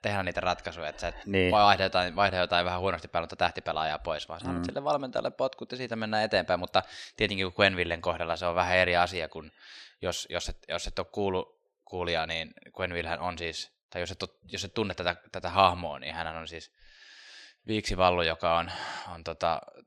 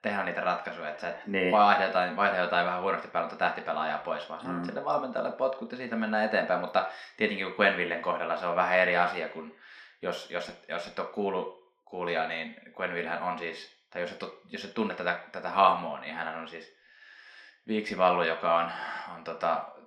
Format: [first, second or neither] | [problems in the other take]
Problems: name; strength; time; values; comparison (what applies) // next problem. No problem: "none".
first | room echo; very slight; dies away in 0.5 s